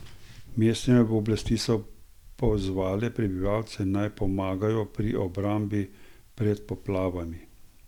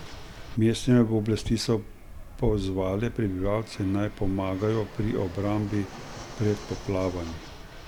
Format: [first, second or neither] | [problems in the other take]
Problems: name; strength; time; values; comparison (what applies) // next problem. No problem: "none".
first | background sound (Fixed-wing aircraft, airplane); 15 dB below the speech